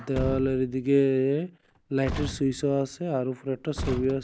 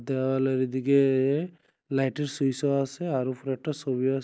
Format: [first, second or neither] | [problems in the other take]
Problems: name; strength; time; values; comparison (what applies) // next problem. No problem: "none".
second | background sound (Truck); 10 dB below the speech